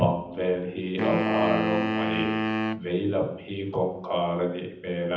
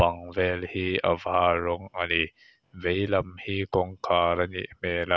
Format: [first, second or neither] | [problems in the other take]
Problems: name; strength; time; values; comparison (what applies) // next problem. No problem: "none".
second | background sound (Wind instrument, woodwind instrument); 1 dB below the speech // room echo; dies away in 0.8 s